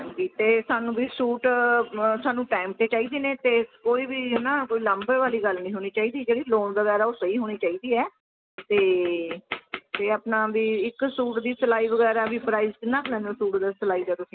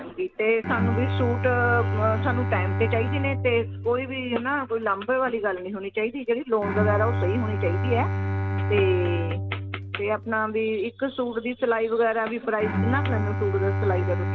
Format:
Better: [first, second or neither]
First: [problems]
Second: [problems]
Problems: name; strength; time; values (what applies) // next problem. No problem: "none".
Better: first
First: none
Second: background sound (Bowed string instrument); 2 dB below the speech